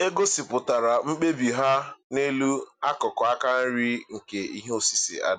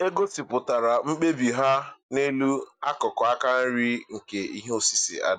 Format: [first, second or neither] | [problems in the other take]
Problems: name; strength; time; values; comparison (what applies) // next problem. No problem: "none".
first | noise reduction (neural mask model DeepFilterNet 3)